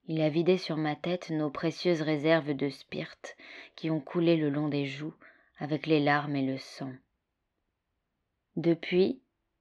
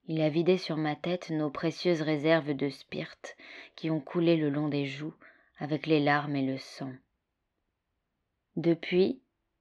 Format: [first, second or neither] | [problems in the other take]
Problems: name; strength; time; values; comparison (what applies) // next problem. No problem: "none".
neither | muffled; very slightly; fading above 3 kHz; the same in both